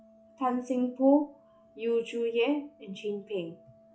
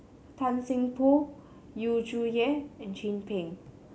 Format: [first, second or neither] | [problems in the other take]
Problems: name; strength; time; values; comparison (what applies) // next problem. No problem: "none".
second | noise reduction (classical method log-MMSE)